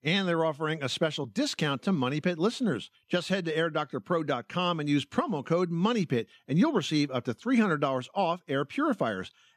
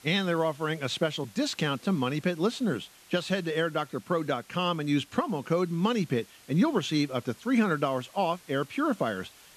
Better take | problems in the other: first | hiss; faint; throughout; 25 dB below the speech

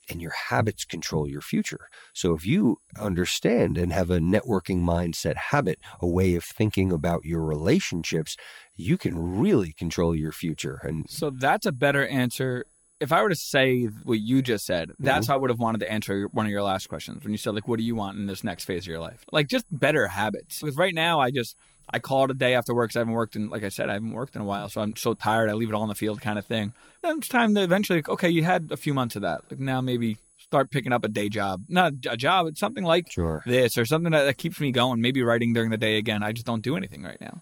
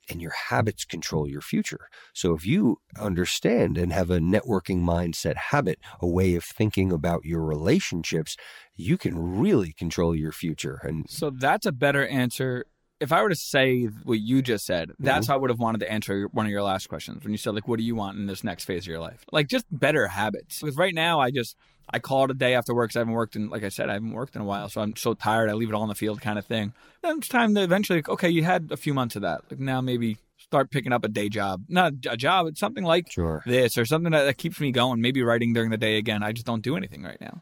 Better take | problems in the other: second | high-pitched whine; faint; throughout; 10 kHz, 35 dB below the speech

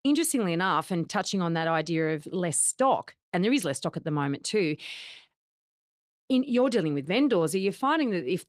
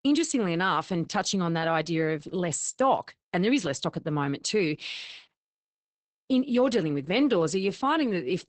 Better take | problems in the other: first | garbled, watery; badly; nothing above 8 kHz; slightly in the first

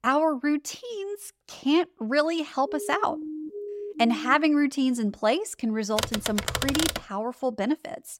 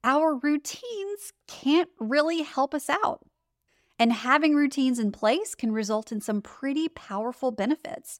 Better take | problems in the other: second | siren; noticeable; from 2.5 to 4.5 s; peak 9 dB below the speech // keyboard typing; loud; from 6 to 7 s; peak level with the speech

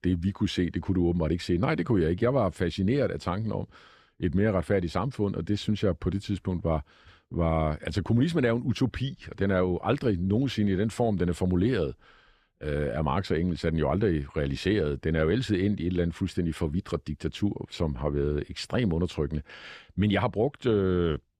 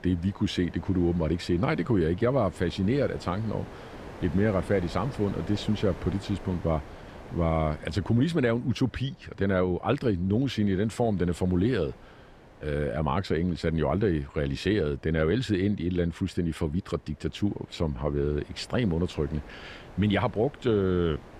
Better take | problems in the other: first | wind noise on the microphone; occasional gusts; 15 dB below the speech

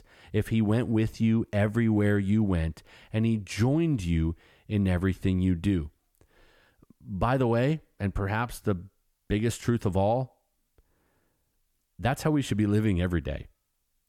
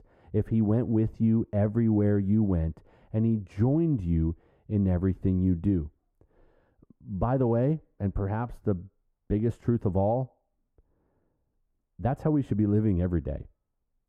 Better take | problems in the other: first | muffled; very; fading above 1.5 kHz

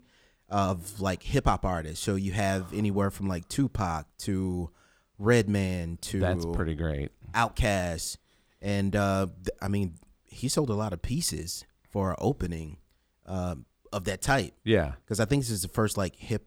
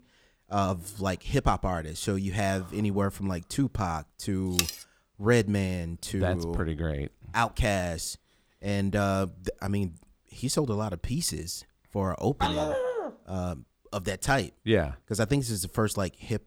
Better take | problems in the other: first | clattering dishes; loud; at 4.5 s; peak 1 dB above the speech // dog barking; loud; at 12 s; peak 1 dB above the speech

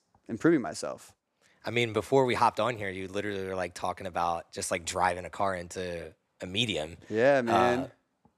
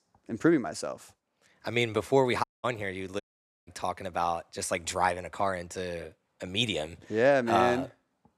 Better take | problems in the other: first | audio cutting out; at 2.5 s and at 3 s

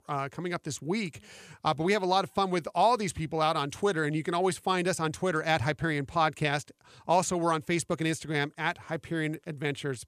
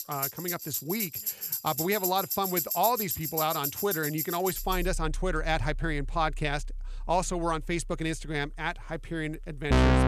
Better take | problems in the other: first | background music; loud; throughout; 1 dB below the speech

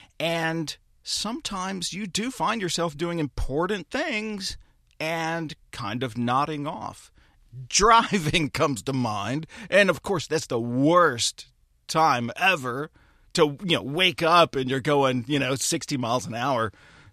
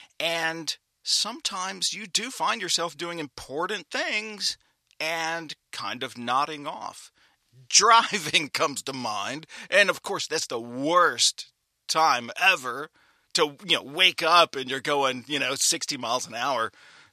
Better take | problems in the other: first | thin; somewhat; fading below 850 Hz

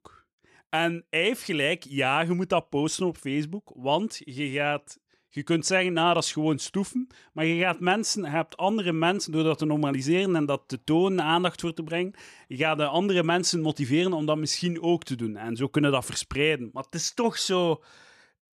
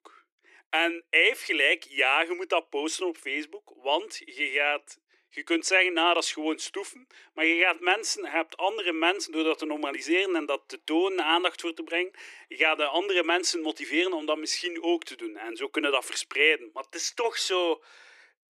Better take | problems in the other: first | thin; very; fading below 300 Hz

